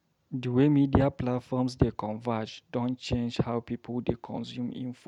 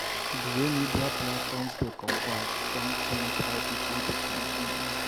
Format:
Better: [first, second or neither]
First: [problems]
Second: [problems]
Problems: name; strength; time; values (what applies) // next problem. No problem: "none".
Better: first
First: none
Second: background sound (Domestic sounds, home sounds); 3 dB above the speech